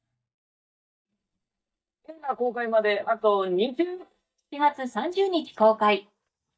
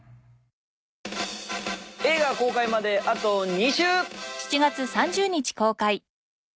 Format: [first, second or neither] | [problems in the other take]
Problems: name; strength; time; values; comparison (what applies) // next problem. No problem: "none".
second | noise reduction (neural mask model DeepFilterNet 3)